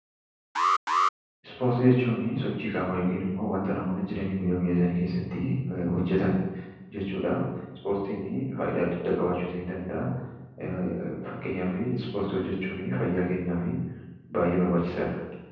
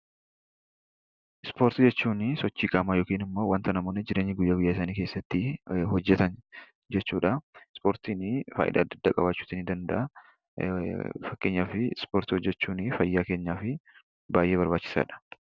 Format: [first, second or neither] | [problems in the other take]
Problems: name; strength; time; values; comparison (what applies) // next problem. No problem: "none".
second | background sound (Alarm); 1 dB below the speech // room echo; dies away in 1.1 s